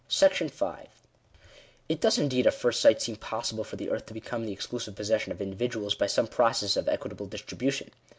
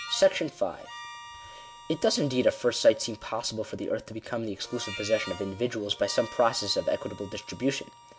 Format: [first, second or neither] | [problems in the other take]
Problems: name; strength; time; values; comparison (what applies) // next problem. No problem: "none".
first | background sound (Harmonica); 16 dB below the speech